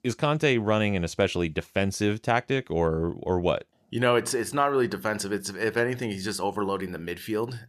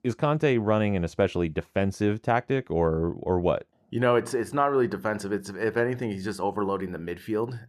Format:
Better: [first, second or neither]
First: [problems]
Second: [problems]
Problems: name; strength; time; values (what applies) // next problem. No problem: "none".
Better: first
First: none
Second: muffled; slightly; fading above 2 kHz